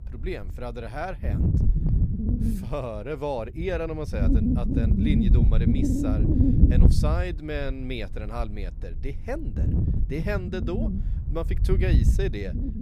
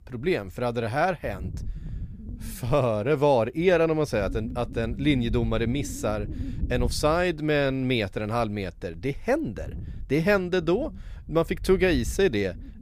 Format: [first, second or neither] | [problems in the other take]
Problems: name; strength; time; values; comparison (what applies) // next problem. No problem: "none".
second | wind noise on the microphone; heavy; 1 dB below the speech; occasional gusts in the second